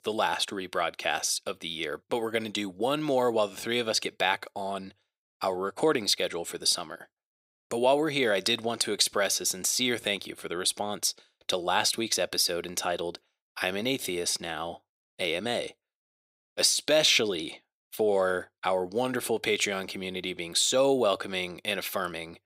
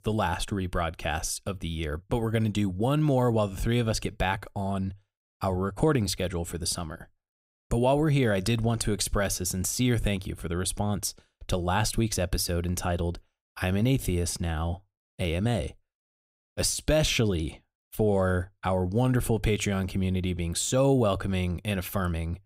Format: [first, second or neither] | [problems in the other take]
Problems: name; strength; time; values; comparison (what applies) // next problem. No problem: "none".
second | thin; somewhat; fading below 400 Hz